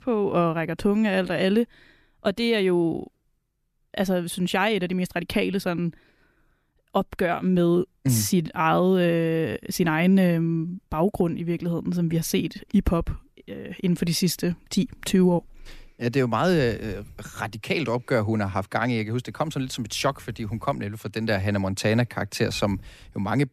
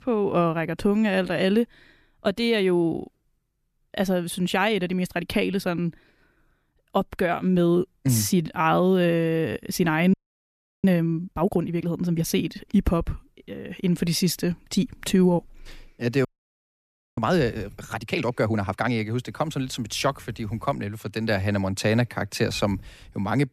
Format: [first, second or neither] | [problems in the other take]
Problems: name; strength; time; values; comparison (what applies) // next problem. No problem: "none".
first | audio freezing; at 10 s for 0.5 s and at 16 s for 1 s